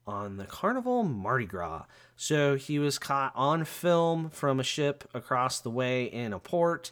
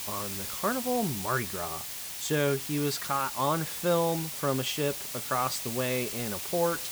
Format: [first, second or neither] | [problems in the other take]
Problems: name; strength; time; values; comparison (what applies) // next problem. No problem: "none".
first | hiss; loud; throughout; 4 dB below the speech